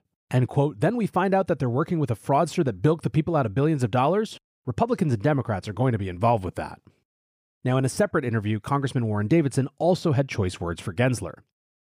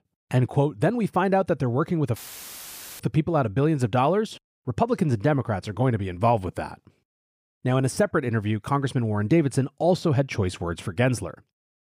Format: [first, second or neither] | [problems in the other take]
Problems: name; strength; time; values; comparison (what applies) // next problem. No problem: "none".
first | audio cutting out; filled with static; at 2 s for 1 s